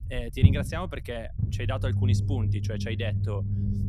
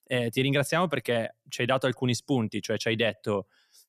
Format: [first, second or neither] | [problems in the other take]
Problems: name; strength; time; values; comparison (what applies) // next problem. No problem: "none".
second | low rumble; loud; throughout; 4 dB below the speech